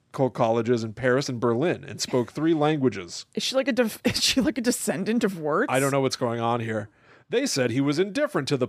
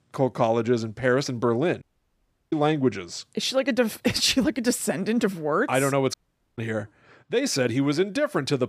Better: first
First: none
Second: audio cutting out; at 2 s for 0.5 s and at 6 s

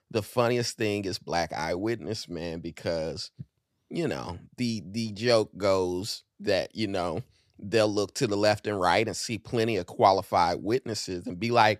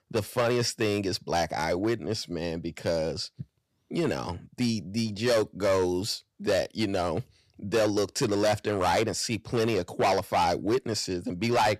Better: first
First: none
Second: distortion; heavy; 7% of the sound clipped

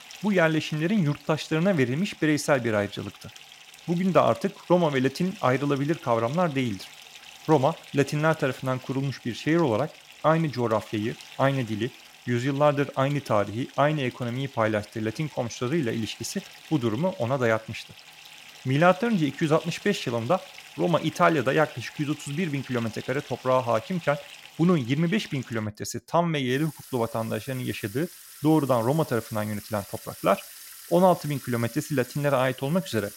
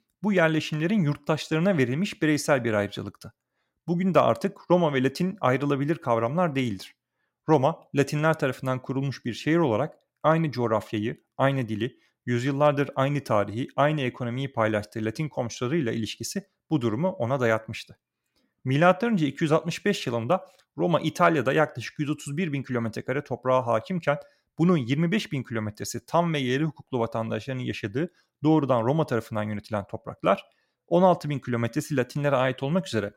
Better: second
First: household noises; noticeable; throughout; 20 dB below the speech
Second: none

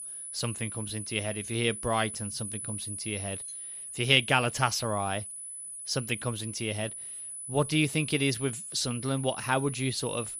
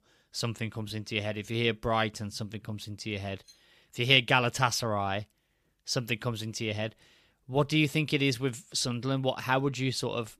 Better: second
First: high-pitched whine; loud; throughout; 10 kHz, 7 dB below the speech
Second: none

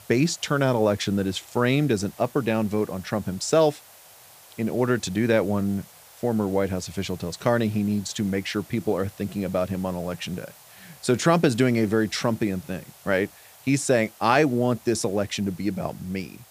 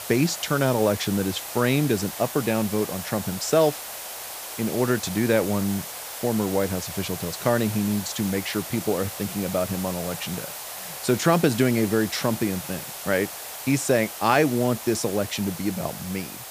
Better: first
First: hiss; faint; throughout; 25 dB below the speech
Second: hiss; loud; throughout; 8 dB below the speech

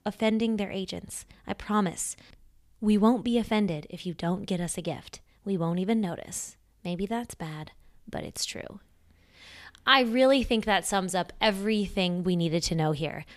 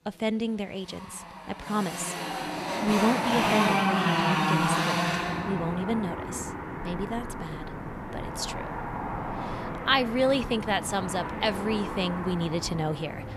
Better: first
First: none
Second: traffic noise; loud; throughout; as loud as the speech

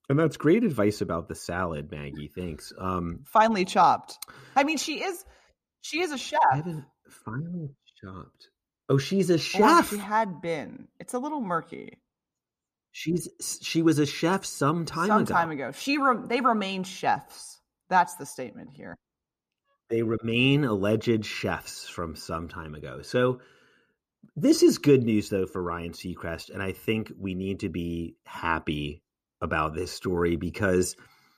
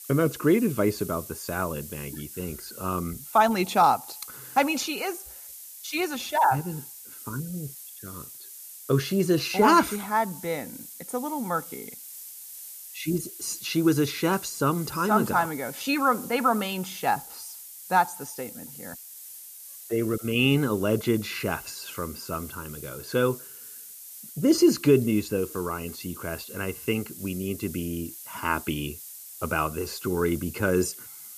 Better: first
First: none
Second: hiss; noticeable; throughout; 15 dB below the speech

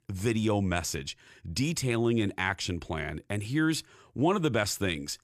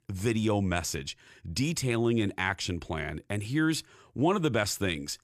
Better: neither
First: none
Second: none

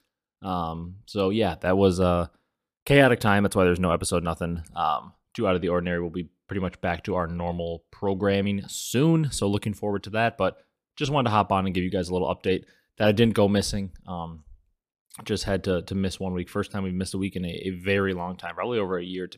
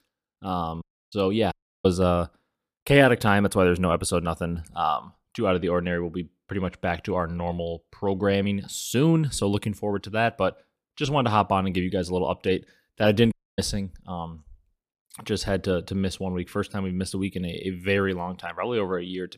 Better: first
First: none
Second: audio cutting out; at 1 s, at 1.5 s and at 13 s

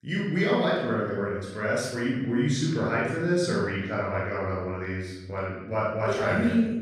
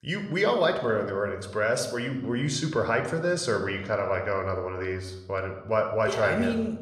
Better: second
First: room echo; strong; dies away in 1.1 s // off-mic speech; far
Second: room echo; slight; dies away in 0.7 s

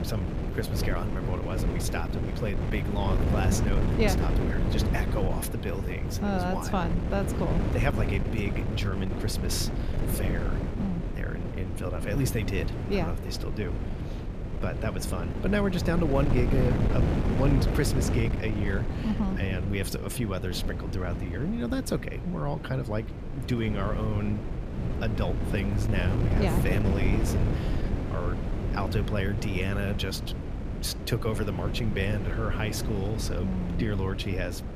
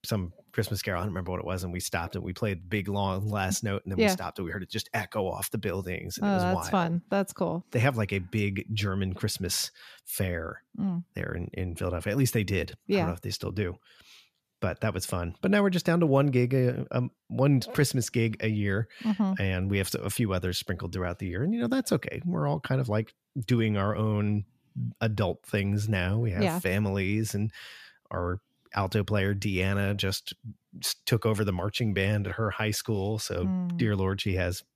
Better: second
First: wind noise on the microphone; heavy; 4 dB below the speech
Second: none

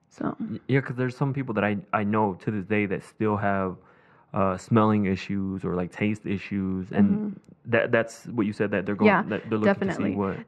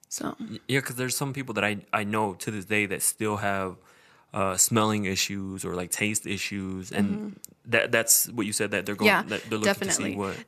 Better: second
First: muffled; very; fading above 1.5 kHz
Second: none

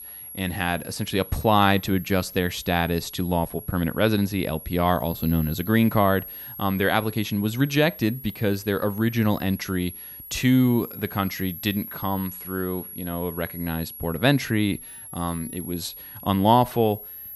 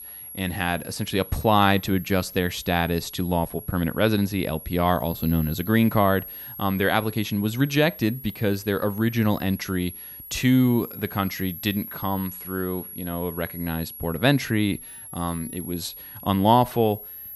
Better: neither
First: high-pitched whine; noticeable; throughout; 11.5 kHz, 15 dB below the speech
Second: high-pitched whine; noticeable; throughout; 11.5 kHz, 15 dB below the speech

